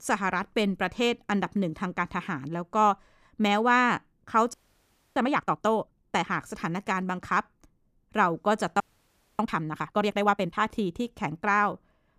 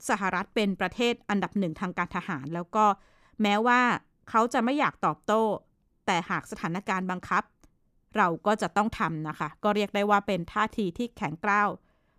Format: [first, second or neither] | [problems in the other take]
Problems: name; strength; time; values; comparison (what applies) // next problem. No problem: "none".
second | audio freezing; at 4.5 s for 0.5 s and at 9 s for 0.5 s